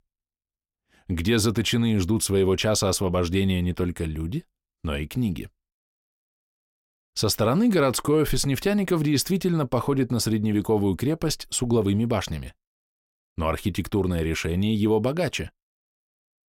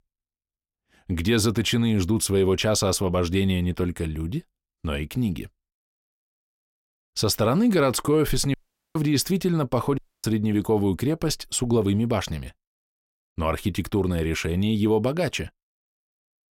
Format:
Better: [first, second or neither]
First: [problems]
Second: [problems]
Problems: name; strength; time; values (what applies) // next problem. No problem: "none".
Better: first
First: none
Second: audio cutting out; at 8.5 s and at 10 s